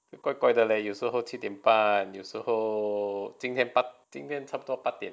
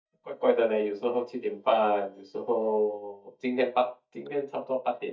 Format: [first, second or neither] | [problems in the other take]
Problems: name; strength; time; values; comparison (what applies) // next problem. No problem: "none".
first | noise reduction (neural mask model DeepFilterNet 3)